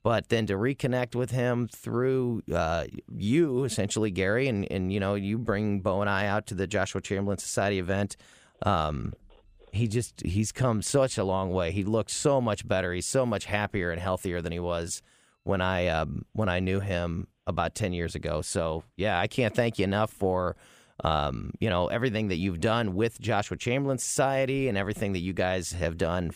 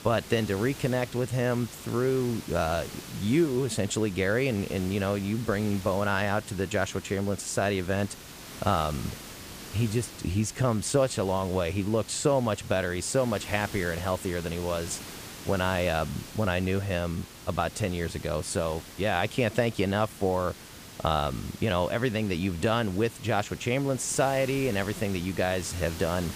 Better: first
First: none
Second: hiss; noticeable; throughout; 15 dB below the speech

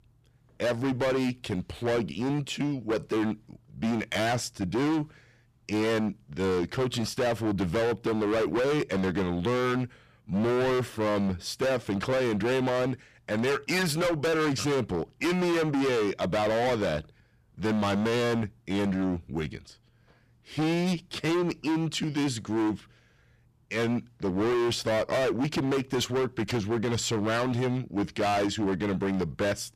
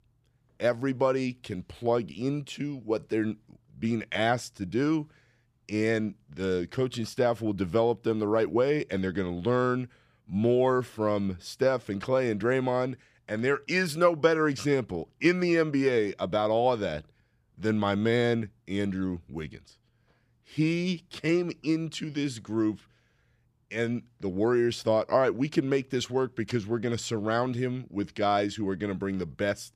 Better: second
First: distortion; heavy; 25% of the sound clipped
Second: none

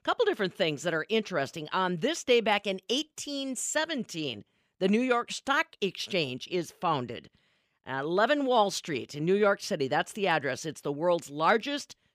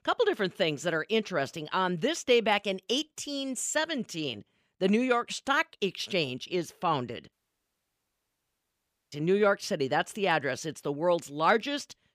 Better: first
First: none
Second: audio cutting out; at 7.5 s for 2 s

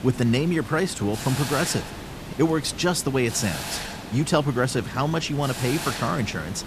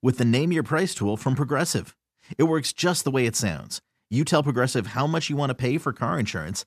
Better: second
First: hiss; loud; throughout; 9 dB below the speech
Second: none

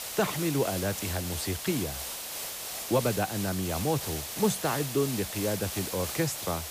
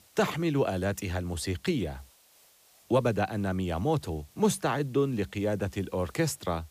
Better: second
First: hiss; loud; throughout; 4 dB below the speech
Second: hiss; faint; throughout; 30 dB below the speech

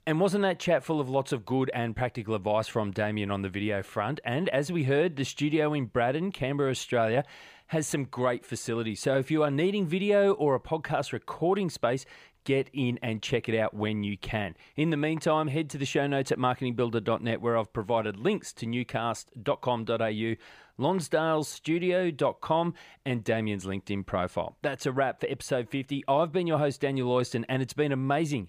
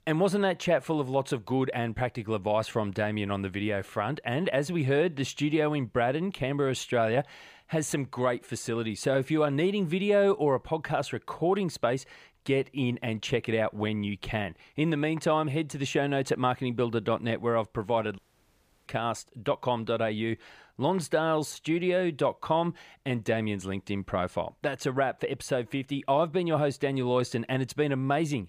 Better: first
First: none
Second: audio cutting out; at 18 s for 0.5 s

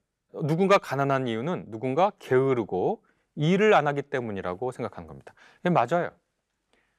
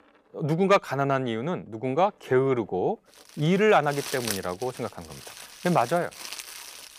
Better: first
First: none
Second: household noises; noticeable; throughout; 10 dB below the speech

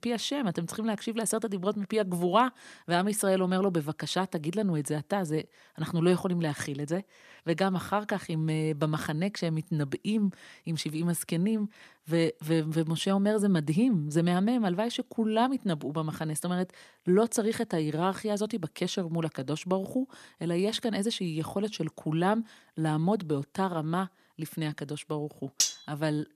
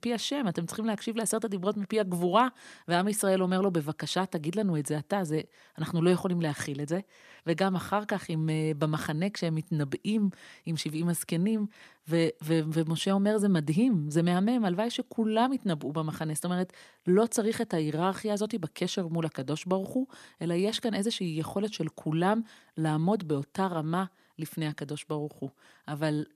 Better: second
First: clattering dishes; loud; at 26 s; peak 2 dB above the speech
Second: none

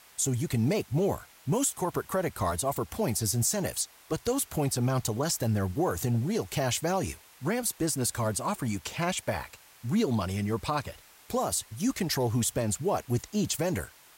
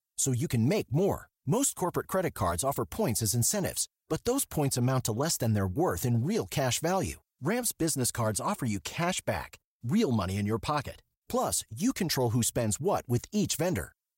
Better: second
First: hiss; faint; throughout; 25 dB below the speech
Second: none

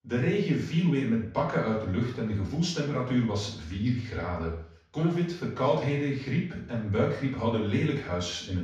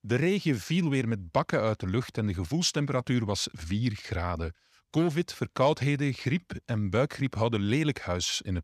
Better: second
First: room echo; noticeable; dies away in 0.6 s // off-mic speech; far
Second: none

